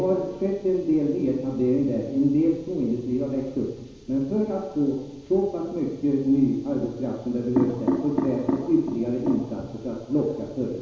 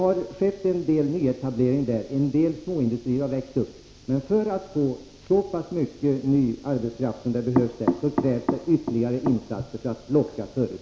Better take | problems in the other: second | room echo; dies away in 1.1 s

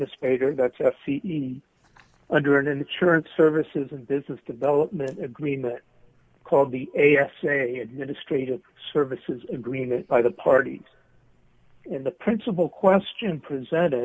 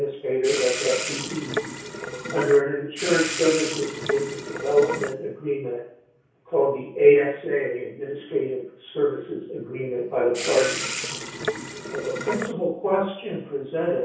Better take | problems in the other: first | background sound (Sink (filling or washing) / Water tap, faucet); 5 dB below the speech // room echo; dies away in 0.6 s

